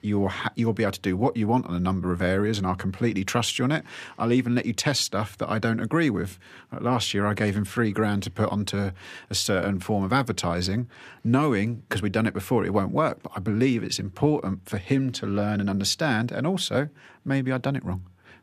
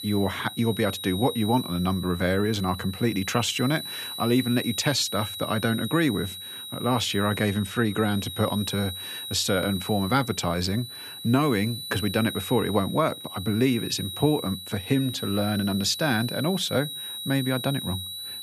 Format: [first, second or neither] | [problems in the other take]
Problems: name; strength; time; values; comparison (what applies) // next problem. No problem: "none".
first | high-pitched whine; loud; throughout; 4 kHz, 8 dB below the speech